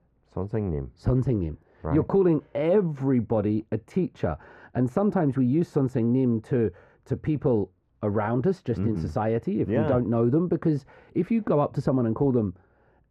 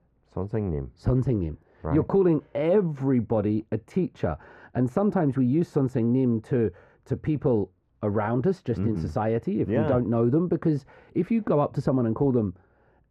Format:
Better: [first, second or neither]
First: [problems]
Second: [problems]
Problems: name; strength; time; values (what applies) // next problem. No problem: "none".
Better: neither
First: muffled; very; fading above 3.5 kHz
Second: muffled; very; fading above 3.5 kHz